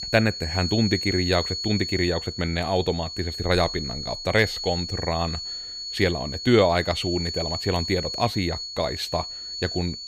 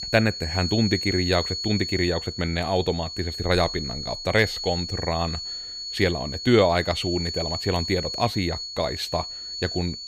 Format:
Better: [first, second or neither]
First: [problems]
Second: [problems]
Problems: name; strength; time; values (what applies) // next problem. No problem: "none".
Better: neither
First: high-pitched whine; loud; throughout; 4.5 kHz, 5 dB below the speech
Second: high-pitched whine; loud; throughout; 4.5 kHz, 5 dB below the speech